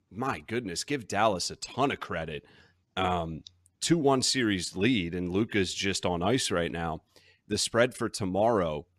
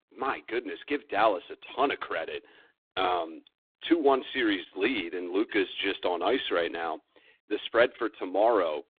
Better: first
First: none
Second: phone-call audio; poor line

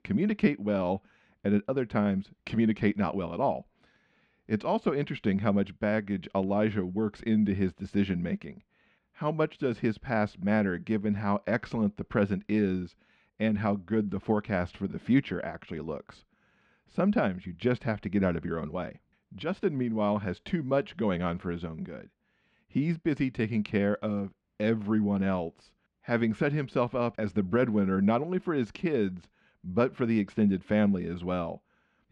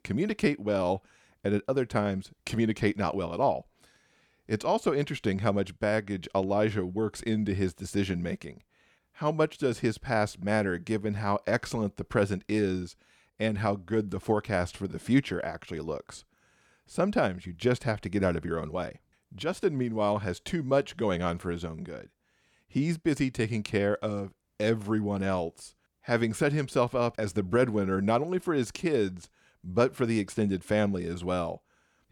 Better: second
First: muffled; slightly; fading above 3 kHz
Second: none

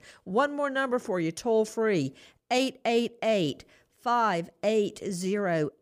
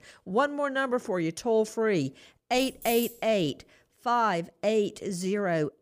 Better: first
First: none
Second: jangling keys; noticeable; at 2.5 s; peak 7 dB below the speech

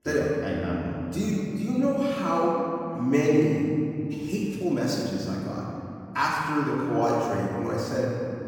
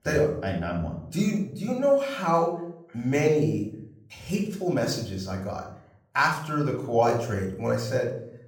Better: second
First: room echo; strong; dies away in 2.8 s // off-mic speech; far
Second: room echo; slight; dies away in 0.6 s // off-mic speech; somewhat distant

